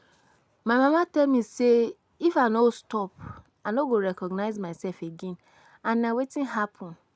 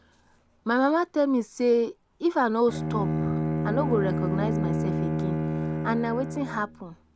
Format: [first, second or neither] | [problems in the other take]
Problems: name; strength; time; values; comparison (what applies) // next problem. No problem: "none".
first | background sound (Bowed string instrument); 2 dB below the speech